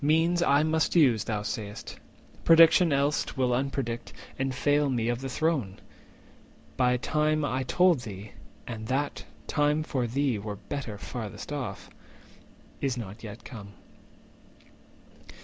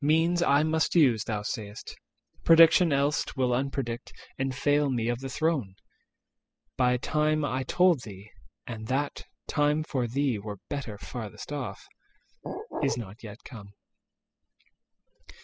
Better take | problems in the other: first | noise reduction (classical method spectral subtraction)

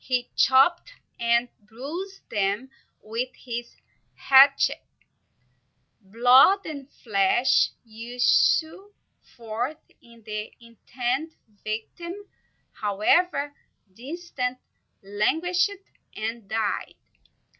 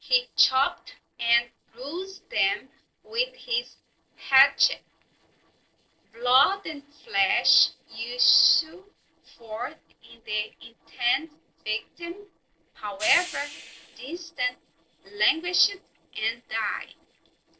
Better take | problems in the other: first | noise reduction (neural separator model SepFormer DNS4)

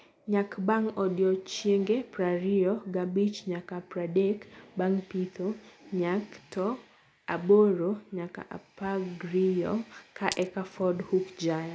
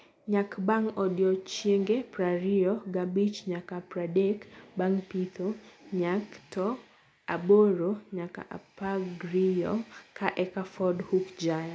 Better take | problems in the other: second | background sound (Glass); 16 dB below the speech

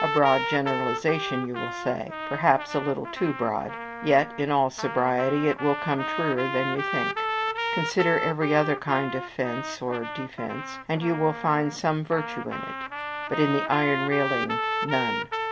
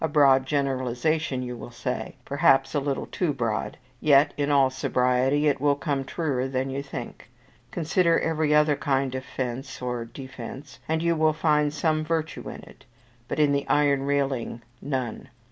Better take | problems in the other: second | background sound (Trumpet); 5 dB below the speech

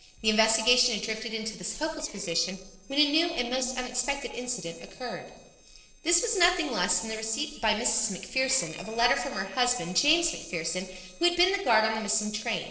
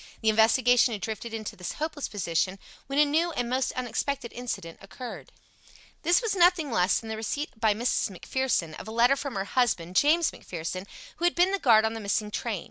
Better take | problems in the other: second | noise reduction (neural separator model SepFormer DNS4)

